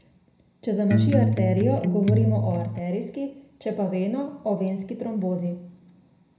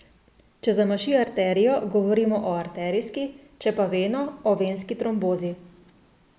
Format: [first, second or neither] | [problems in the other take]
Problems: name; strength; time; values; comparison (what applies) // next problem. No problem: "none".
second | background sound (Electric guitar); 5 dB above the speech // room echo; dies away in 0.4 s